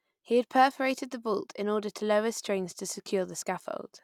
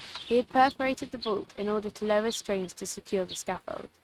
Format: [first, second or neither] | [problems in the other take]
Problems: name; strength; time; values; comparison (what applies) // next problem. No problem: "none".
first | noise reduction (neural mask model RNNoise)